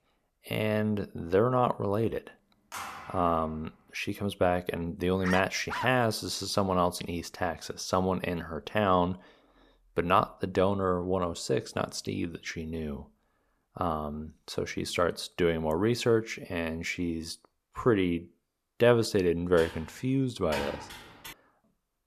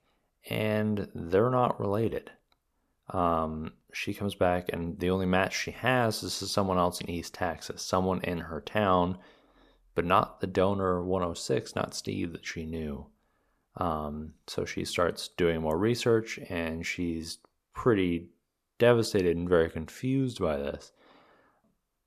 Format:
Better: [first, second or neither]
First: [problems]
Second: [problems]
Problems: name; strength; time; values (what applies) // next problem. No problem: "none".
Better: second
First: phone ringing; faint; at 2.5 s; peak 10 dB below the speech // dog barking; noticeable; at 5 s; peak 6 dB below the speech // keyboard typing; noticeable; from 20 to 21 s; peak 7 dB below the speech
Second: none